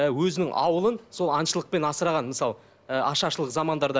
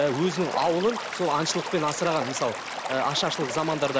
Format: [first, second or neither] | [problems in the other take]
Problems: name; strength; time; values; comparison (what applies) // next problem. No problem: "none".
first | background sound (Stream / Liquid); 7 dB below the speech